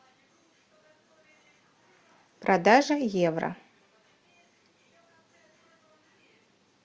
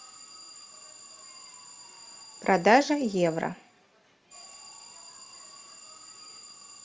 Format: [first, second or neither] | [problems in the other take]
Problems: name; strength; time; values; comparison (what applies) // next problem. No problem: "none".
first | background sound (Alarm); 17 dB below the speech